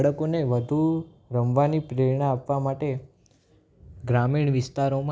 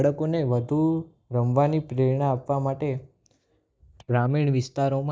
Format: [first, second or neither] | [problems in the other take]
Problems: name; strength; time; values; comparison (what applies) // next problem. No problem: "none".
first | noise reduction (neural mask model DeepFilterNet 3)